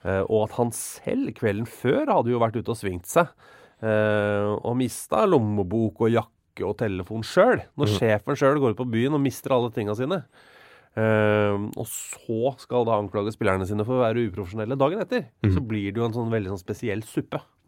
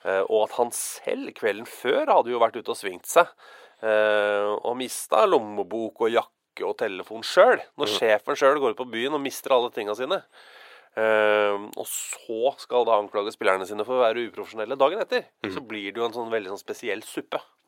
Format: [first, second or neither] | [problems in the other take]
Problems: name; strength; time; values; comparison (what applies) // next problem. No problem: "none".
first | thin; very; fading below 550 Hz